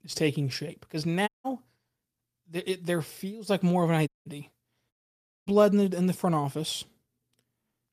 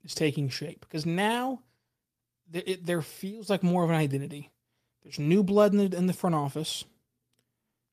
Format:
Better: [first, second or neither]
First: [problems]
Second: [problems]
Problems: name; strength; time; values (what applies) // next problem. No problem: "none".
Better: second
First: audio cutting out; at 1.5 s, at 4 s and at 5 s for 0.5 s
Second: none